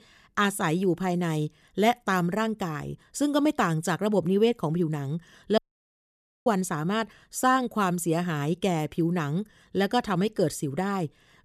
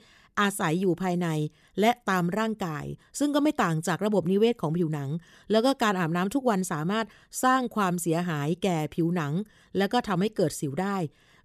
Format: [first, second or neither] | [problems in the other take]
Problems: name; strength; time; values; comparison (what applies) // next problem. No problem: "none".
second | audio cutting out; at 5.5 s for 1 s